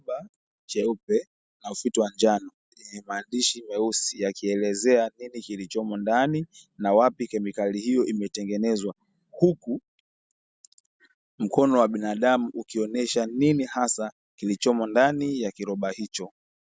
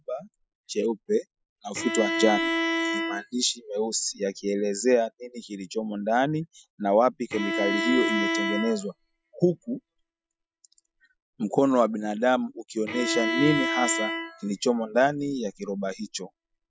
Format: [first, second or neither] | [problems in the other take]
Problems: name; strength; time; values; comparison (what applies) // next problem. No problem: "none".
first | noise reduction (classical method Wiener filter)